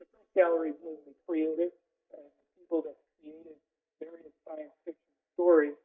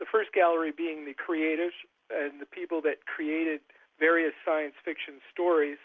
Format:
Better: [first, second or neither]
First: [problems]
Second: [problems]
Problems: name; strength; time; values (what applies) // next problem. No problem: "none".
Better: second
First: noise reduction (neural mask model DeepFilterNet 3)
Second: none